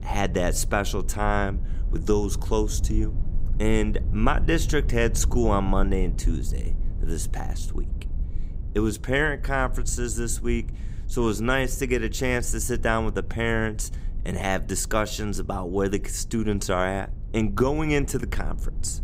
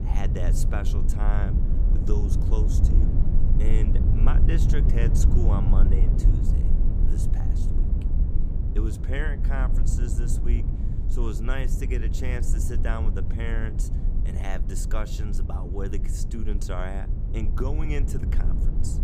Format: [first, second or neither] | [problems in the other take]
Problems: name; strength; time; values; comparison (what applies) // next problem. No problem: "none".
first | low rumble; loud; throughout; 3 dB below the speech; faint in the first